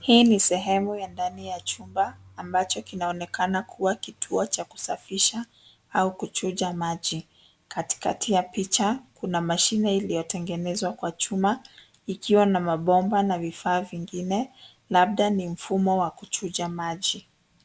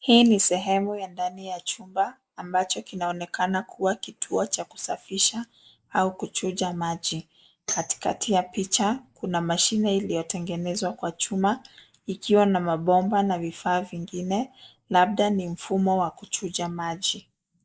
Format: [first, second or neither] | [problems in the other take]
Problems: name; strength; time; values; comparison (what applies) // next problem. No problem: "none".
first | noise reduction (neural mask model Resemble Enhance denoiser)